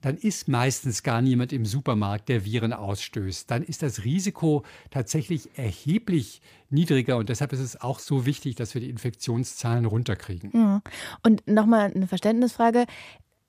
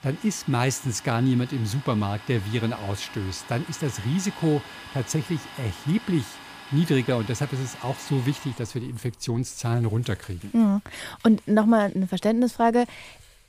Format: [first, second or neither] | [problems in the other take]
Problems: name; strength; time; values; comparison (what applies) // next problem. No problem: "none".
first | household noises; noticeable; throughout; 15 dB below the speech